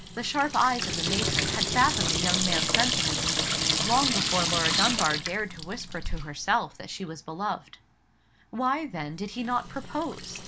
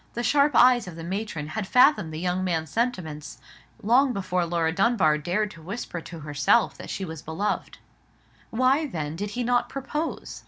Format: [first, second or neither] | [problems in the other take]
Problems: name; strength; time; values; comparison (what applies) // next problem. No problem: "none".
second | background sound (Sink (filling or washing) / Water tap, faucet); as loud as the speech